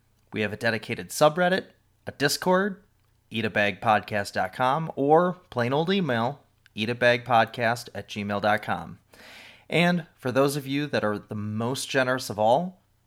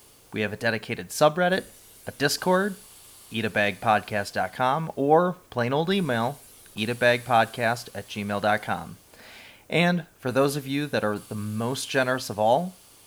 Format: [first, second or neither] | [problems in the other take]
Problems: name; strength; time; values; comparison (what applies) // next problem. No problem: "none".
first | hiss; faint; throughout; 25 dB below the speech